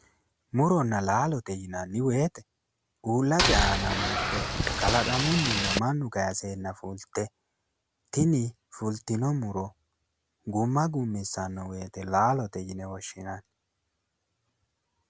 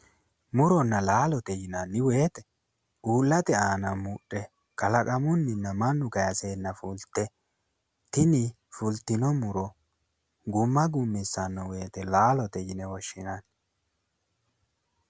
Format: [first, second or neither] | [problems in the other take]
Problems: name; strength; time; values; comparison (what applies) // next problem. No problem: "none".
second | background sound (Boat, Water vehicle); 3 dB above the speech